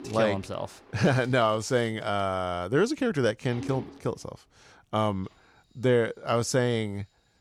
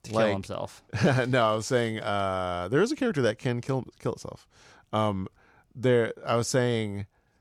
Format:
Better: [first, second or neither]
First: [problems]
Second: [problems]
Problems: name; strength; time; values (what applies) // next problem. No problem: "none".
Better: second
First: machinery noise; noticeable; throughout; 20 dB below the speech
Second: none